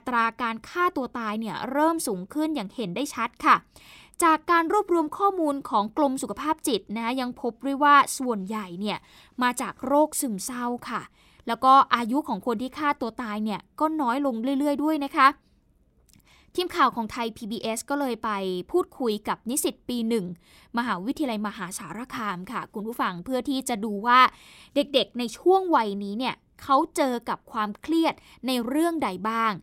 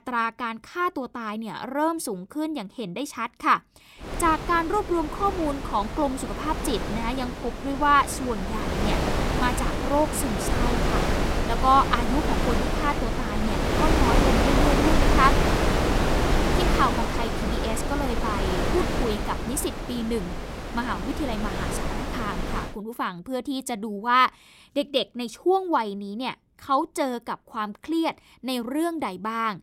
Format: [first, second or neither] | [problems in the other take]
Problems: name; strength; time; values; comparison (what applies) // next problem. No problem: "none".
first | wind noise on the microphone; heavy; from 4 to 23 s; 2 dB below the speech